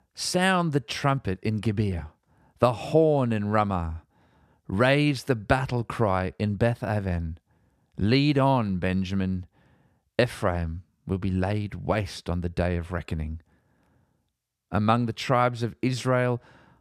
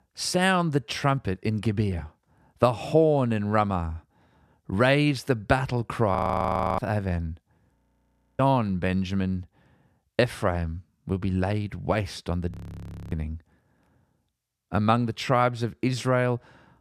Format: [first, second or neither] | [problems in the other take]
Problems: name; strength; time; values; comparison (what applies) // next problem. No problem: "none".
first | audio freezing; at 6 s for 0.5 s, at 8 s for 0.5 s and at 13 s for 0.5 s